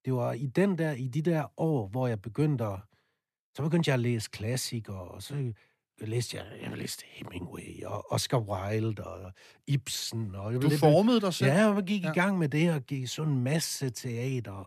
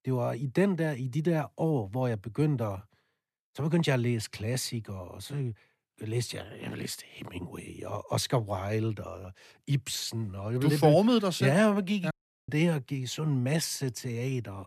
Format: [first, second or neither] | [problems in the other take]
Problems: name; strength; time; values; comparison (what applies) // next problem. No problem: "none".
first | audio cutting out; at 12 s